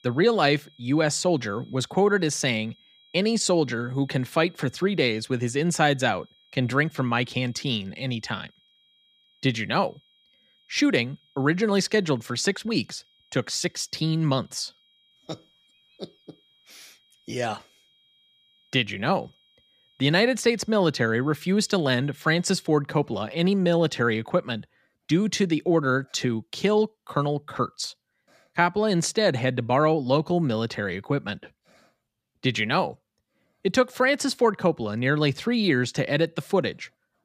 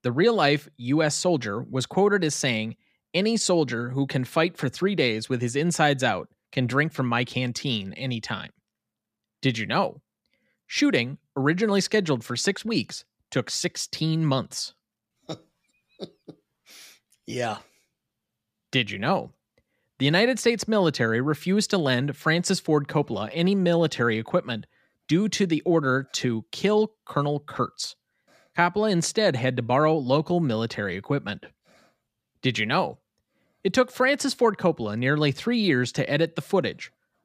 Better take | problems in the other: second | high-pitched whine; faint; until 23 s; 3.5 kHz, 35 dB below the speech

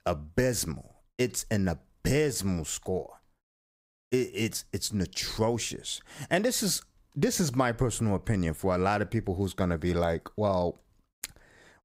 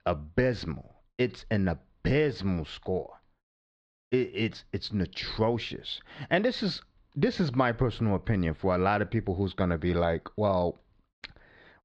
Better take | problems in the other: first | muffled; slightly; fading above 4 kHz

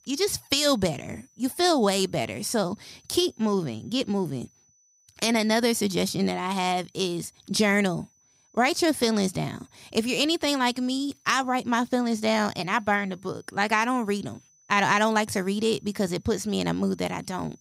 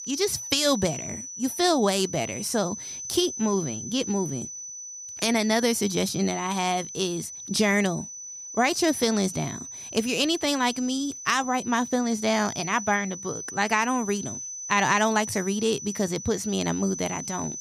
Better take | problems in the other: first | high-pitched whine; loud; throughout; 6 kHz, 9 dB below the speech; faint in the first

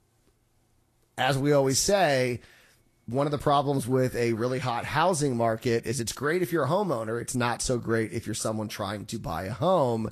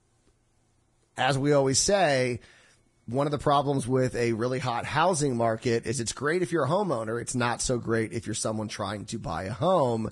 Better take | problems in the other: first | garbled, watery; badly; slightly in the first

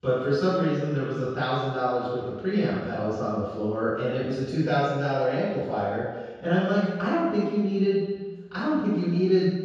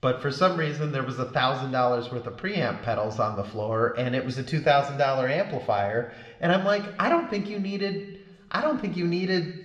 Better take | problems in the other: second | room echo; strong; dies away in 1.2 s; slight in the second // off-mic speech; far

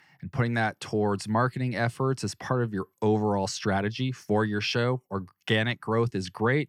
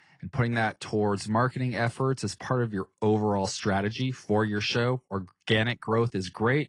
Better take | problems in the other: first | garbled, watery; slightly

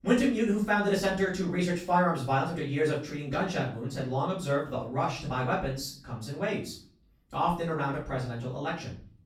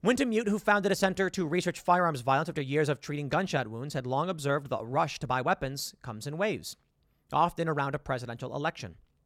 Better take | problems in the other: second | off-mic speech; far // room echo; slight; dies away in 0.4 s

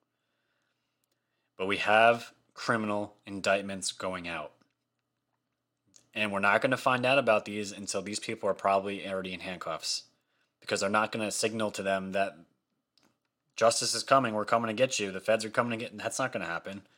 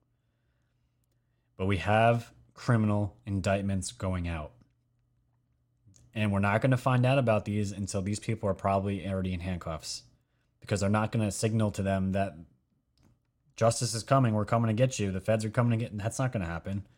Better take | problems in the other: second | thin; somewhat; fading below 300 Hz

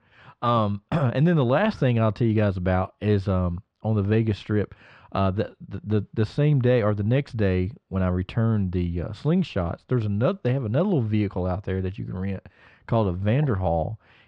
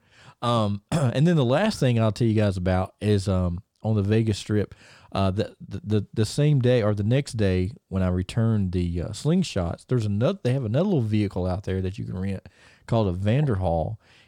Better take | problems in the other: second | muffled; slightly; fading above 2.5 kHz

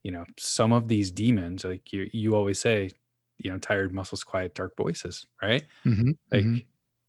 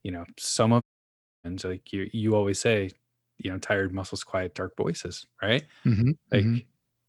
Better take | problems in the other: first | audio cutting out; at 1 s for 0.5 s

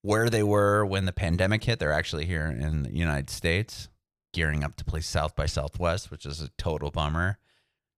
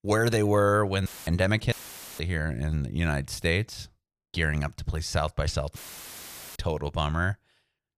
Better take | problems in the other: first | audio cutting out; filled with static; at 1 s, at 1.5 s and at 6 s for 1 s

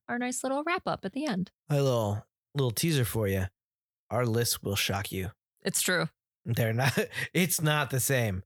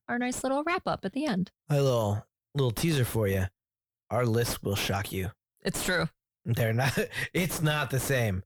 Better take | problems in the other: first | distortion; slight; 7 dB below the speech

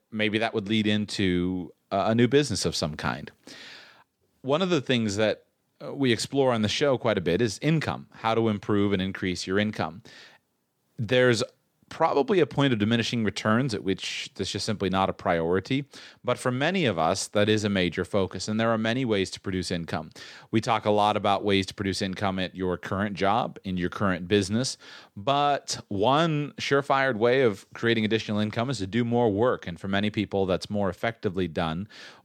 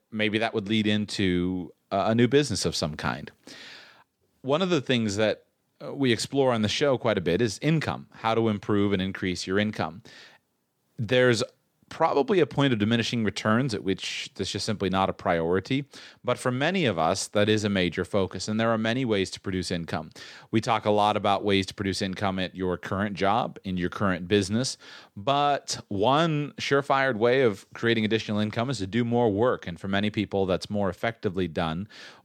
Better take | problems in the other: neither | none

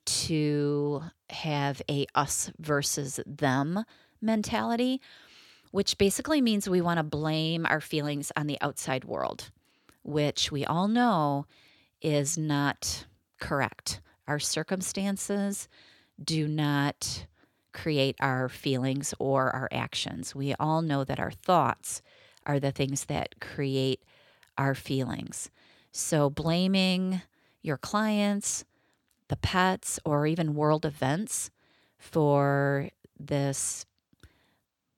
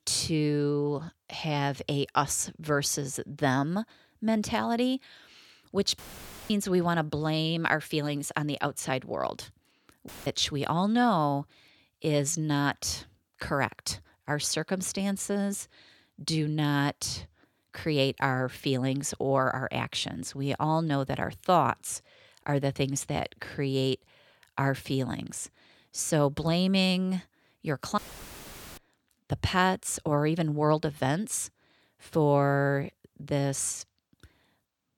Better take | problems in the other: first | audio cutting out; filled with static; at 6 s for 0.5 s, at 10 s and at 28 s for 1 s

